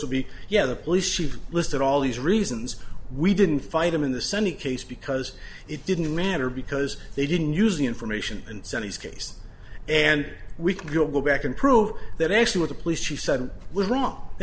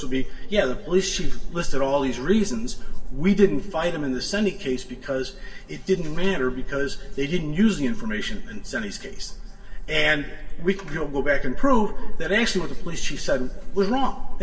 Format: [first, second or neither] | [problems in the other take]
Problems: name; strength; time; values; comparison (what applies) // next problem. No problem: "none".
first | room echo; dies away in 2.7 s